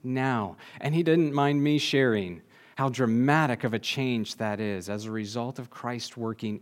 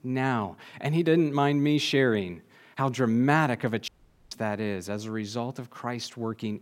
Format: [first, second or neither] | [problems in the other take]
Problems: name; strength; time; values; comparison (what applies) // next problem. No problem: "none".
first | audio cutting out; at 4 s